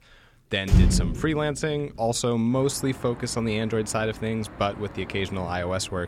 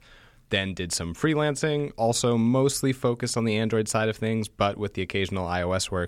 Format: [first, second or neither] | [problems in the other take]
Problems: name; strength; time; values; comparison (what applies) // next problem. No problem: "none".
second | traffic noise; very loud; throughout; 1 dB above the speech